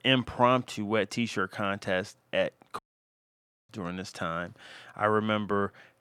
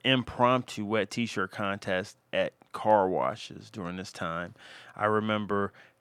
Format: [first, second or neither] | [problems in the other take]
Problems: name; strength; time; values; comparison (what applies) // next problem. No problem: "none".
second | audio cutting out; at 3 s for 1 s